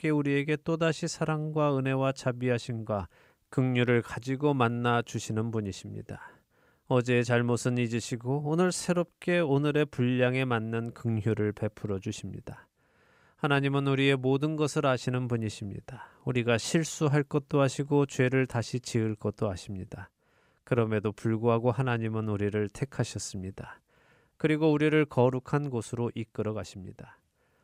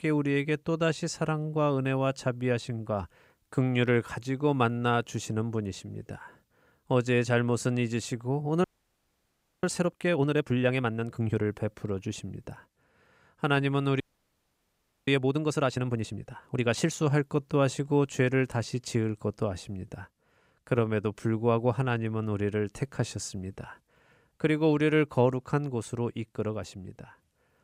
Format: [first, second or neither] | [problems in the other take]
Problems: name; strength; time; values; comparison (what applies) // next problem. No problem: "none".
first | audio freezing; at 8.5 s for 1 s and at 14 s for 1 s